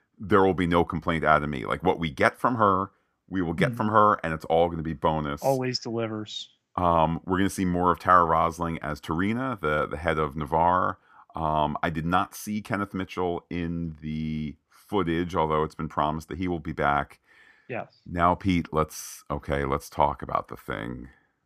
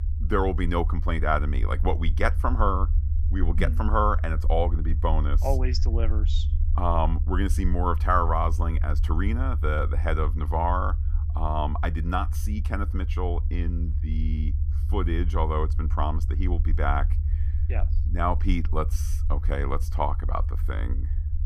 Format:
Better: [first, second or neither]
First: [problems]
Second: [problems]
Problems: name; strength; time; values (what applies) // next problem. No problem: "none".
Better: first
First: none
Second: low rumble; noticeable; throughout; 15 dB below the speech